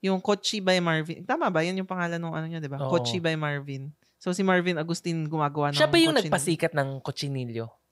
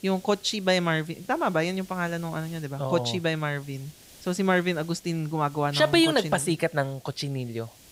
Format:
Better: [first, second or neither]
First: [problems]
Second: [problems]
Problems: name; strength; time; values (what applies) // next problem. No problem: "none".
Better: first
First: none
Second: hiss; faint; throughout; 25 dB below the speech